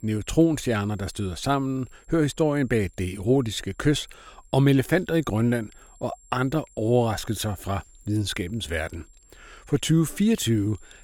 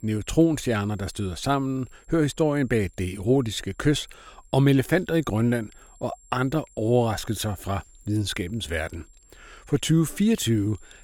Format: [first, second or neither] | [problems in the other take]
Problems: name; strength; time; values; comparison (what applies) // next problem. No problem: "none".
neither | high-pitched whine; faint; throughout; 7.5 kHz, 30 dB below the speech; the same in both